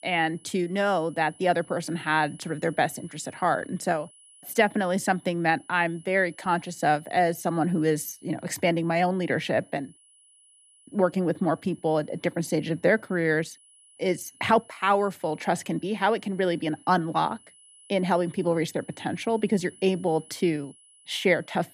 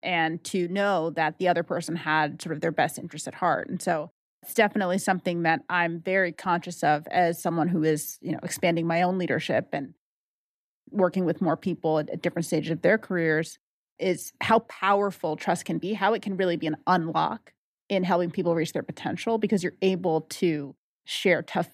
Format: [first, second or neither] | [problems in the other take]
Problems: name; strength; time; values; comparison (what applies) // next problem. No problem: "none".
second | high-pitched whine; faint; throughout; 10 kHz, 25 dB below the speech